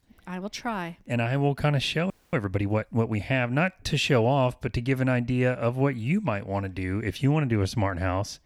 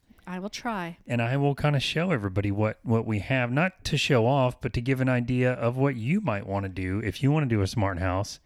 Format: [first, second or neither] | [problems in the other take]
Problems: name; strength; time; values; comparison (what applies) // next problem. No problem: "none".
second | audio freezing; at 2 s